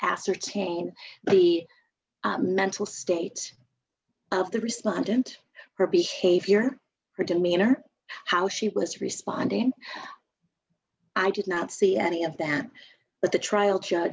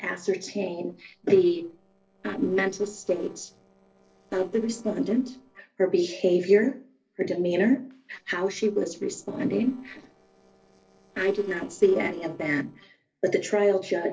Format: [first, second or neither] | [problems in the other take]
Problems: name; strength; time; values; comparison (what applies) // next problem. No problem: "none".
first | noise reduction (neural separator model SepFormer DNS4)